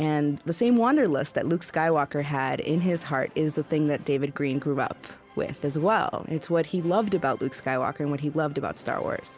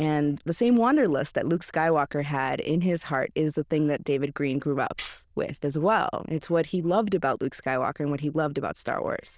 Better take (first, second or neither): first